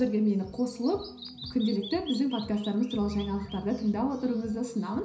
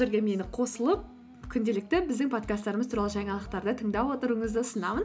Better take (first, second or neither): second